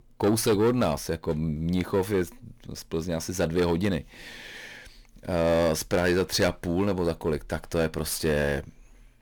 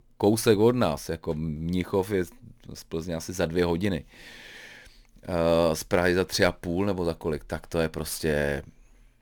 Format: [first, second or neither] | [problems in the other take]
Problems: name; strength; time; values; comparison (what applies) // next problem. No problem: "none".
second | distortion; slight; 10 dB below the speech